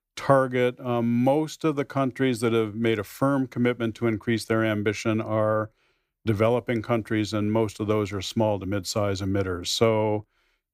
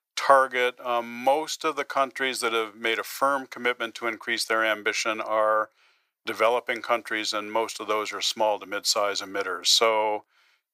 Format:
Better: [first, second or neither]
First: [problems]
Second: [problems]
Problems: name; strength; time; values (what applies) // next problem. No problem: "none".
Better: first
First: none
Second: thin; very; fading below 850 Hz